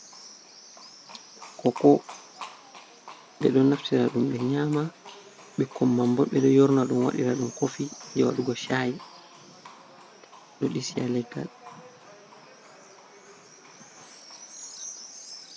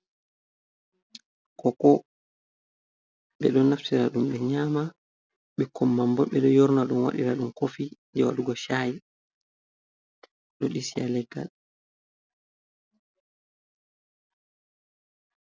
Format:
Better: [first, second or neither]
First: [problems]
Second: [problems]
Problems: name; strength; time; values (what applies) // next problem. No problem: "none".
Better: second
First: background sound (Livestock, farm animals, working animals); 18 dB below the speech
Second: none